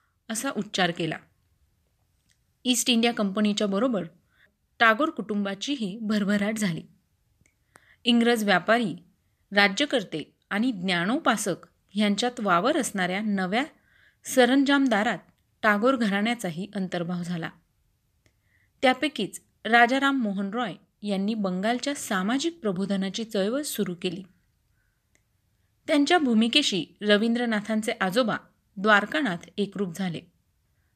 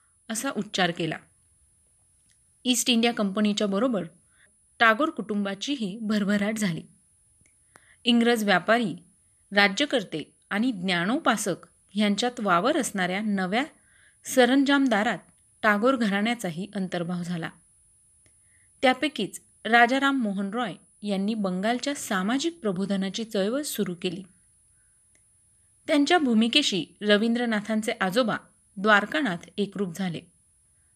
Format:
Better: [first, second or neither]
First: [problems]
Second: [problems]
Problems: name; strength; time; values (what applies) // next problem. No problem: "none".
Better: first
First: none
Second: high-pitched whine; faint; throughout; 10 kHz, 35 dB below the speech